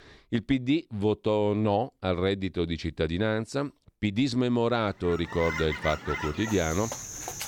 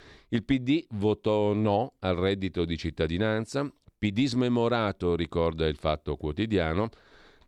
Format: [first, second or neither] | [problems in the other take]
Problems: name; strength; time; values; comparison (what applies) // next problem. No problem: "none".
second | animal sounds; loud; from 5 s on; 7 dB below the speech